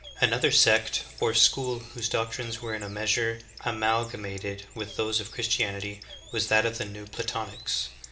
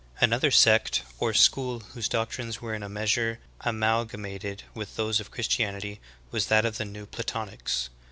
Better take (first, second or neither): second